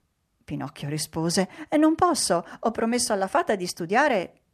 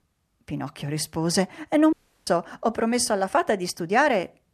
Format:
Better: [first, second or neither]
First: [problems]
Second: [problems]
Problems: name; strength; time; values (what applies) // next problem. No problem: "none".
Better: first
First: none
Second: audio cutting out; at 2 s